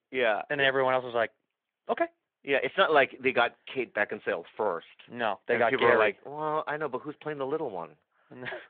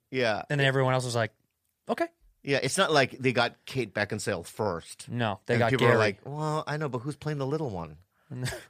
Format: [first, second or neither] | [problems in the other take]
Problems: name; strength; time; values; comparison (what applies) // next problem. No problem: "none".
second | phone-call audio; nothing above 3.5 kHz